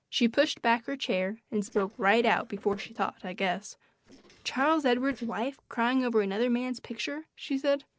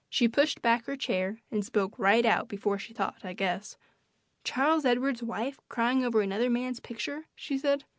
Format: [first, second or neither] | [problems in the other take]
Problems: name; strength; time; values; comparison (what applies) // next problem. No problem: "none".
second | noise reduction (neural separator model SepFormer DNS4)